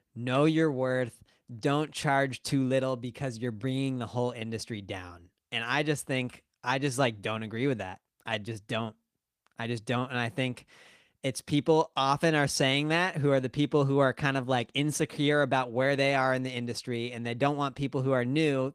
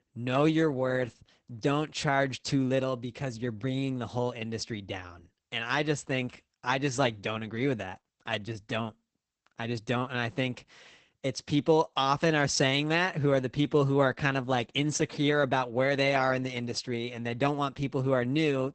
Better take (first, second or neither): first